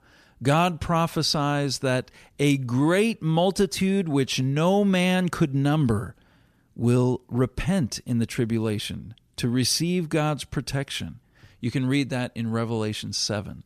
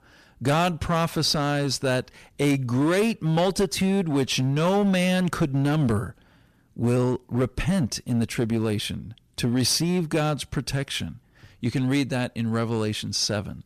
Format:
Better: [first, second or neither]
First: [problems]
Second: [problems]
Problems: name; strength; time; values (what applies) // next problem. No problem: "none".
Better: first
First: none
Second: distortion; slight; 8% of the sound clipped